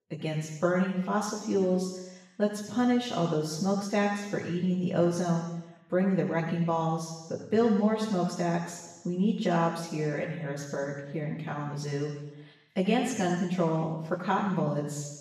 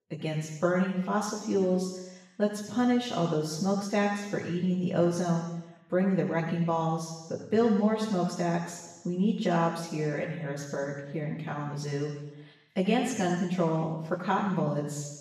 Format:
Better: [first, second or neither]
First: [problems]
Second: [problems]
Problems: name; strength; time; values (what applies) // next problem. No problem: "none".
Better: neither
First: room echo; noticeable; dies away in 1 s // off-mic speech; far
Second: room echo; noticeable; dies away in 1 s // off-mic speech; far